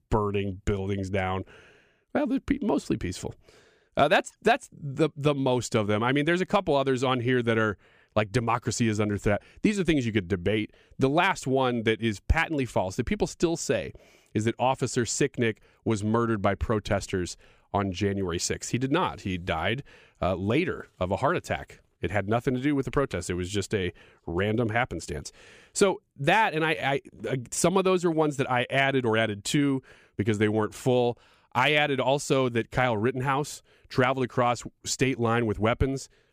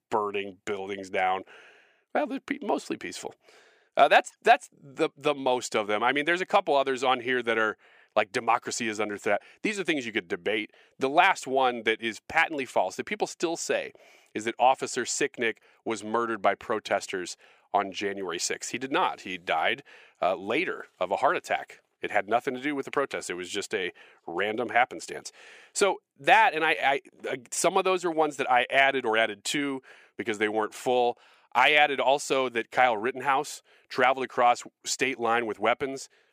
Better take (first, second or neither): first